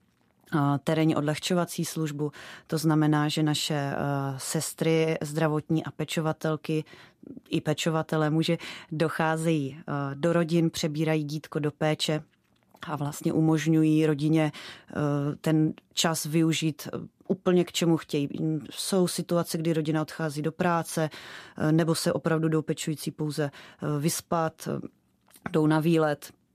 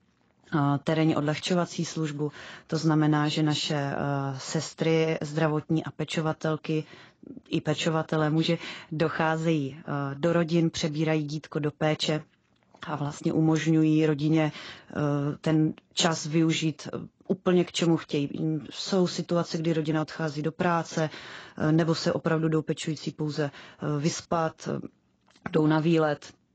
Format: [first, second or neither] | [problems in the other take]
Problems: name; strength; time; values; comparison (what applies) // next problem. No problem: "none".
first | garbled, watery; badly; nothing above 7.5 kHz